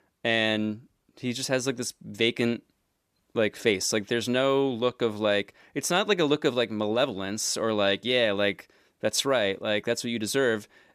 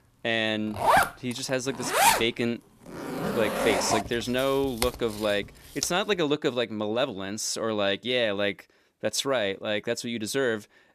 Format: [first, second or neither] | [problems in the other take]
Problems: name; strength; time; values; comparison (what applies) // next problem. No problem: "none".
first | household noises; very loud; until 6 s; 2 dB above the speech